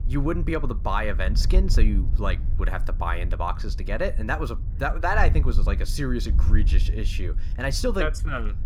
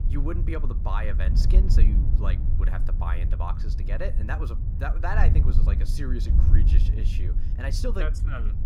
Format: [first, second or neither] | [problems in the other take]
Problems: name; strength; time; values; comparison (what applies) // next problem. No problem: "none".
first | wind noise on the microphone; heavy; 7 dB below the speech; occasional gusts in the first